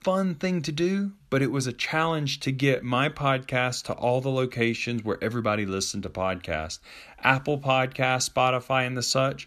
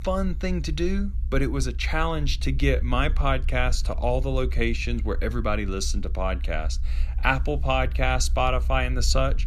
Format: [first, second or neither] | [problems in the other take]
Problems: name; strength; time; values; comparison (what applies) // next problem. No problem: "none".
first | low rumble; faint; throughout; 25 dB below the speech